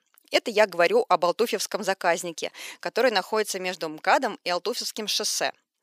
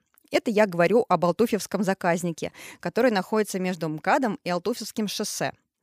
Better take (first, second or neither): second